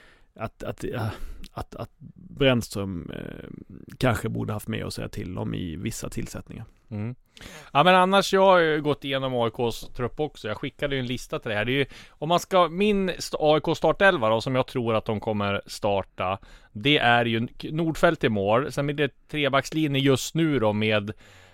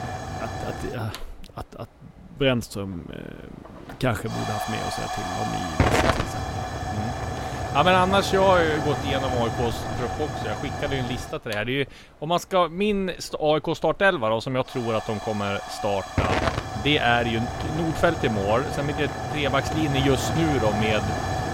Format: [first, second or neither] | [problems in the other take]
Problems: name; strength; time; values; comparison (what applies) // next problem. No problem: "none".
first | hiss; loud; throughout; 3 dB below the speech